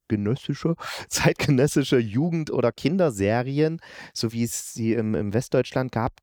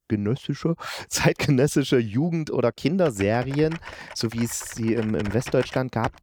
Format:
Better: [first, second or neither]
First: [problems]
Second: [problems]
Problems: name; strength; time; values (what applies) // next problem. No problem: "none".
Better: first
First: none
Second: keyboard typing; faint; from 3 s on; peak 10 dB below the speech